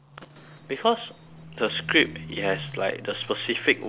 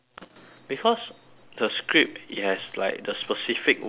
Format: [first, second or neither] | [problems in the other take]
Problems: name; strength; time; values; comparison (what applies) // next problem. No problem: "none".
second | background sound (Livestock, farm animals, working animals); 15 dB below the speech